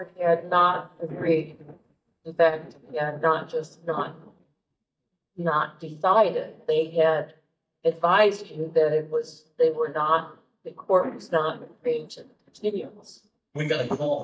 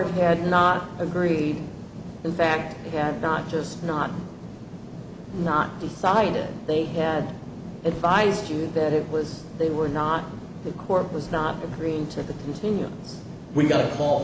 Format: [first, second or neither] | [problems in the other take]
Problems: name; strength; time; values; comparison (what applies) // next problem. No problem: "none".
second | noise reduction (neural mask model DeepFilterNet 3)